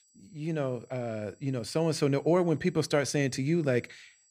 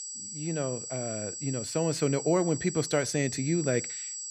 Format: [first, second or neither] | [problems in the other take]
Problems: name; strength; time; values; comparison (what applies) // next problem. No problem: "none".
first | high-pitched whine; loud; throughout; 7.5 kHz, 6 dB below the speech; faint in the first